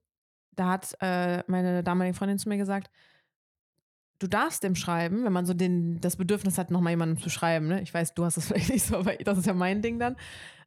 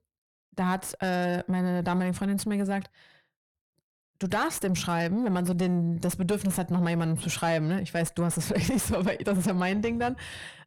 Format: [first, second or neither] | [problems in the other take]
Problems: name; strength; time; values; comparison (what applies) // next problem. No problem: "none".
first | distortion; slight; 9 dB below the speech